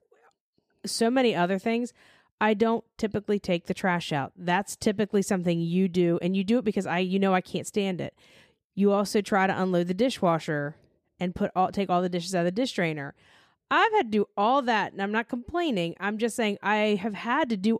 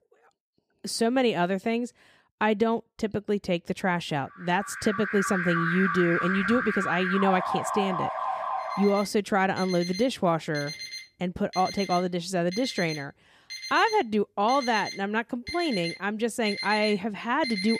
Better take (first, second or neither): first